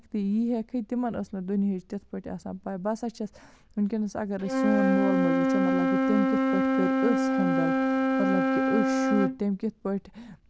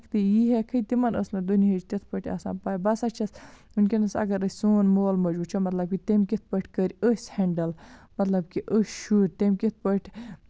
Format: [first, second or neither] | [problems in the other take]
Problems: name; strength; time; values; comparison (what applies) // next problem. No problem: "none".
second | background sound (Wind instrument, woodwind instrument); 2 dB above the speech